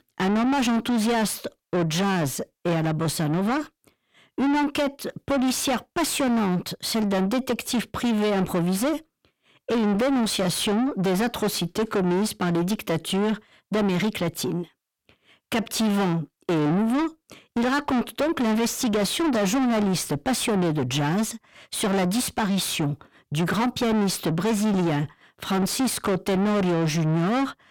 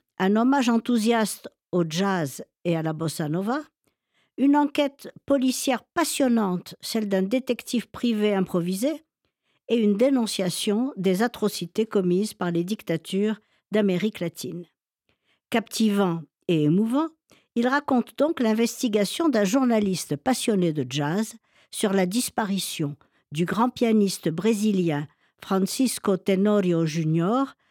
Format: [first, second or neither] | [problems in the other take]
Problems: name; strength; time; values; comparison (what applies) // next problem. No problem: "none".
second | distortion; heavy; 7 dB below the speech